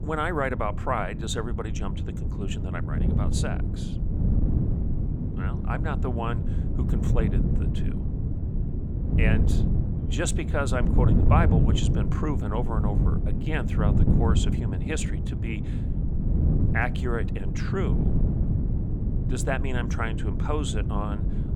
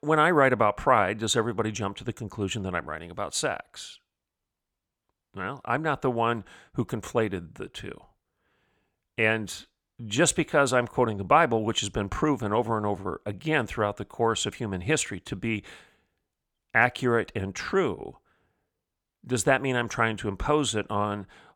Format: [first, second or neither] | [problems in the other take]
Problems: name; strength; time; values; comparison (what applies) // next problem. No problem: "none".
second | wind noise on the microphone; heavy; 6 dB below the speech